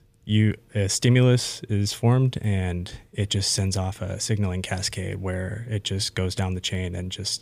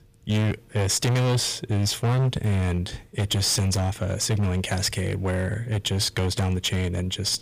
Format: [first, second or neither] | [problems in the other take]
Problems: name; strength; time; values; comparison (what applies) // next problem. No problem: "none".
first | distortion; heavy; 18% of the sound clipped